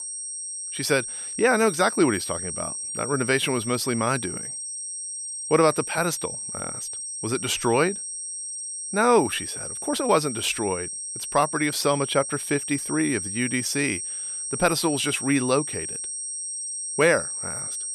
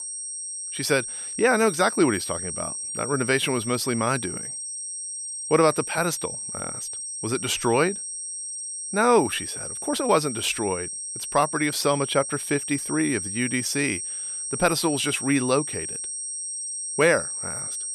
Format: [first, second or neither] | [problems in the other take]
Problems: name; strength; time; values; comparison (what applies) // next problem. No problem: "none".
neither | high-pitched whine; loud; throughout; 8.5 kHz, 6 dB below the speech; the same in both